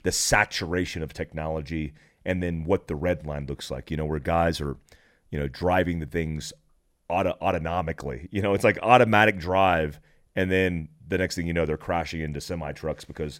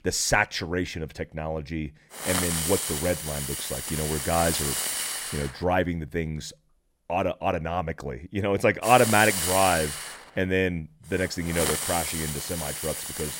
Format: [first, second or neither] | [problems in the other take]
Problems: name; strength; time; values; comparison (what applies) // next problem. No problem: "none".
first | hiss; loud; from 2 to 6.5 s and from 9 s on; 2 dB below the speech